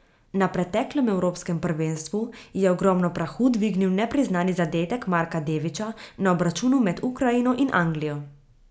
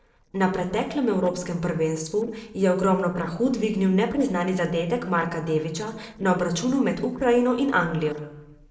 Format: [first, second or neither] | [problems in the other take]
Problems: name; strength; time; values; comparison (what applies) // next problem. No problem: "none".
first | noise reduction (neural separator model SepFormer DNS4)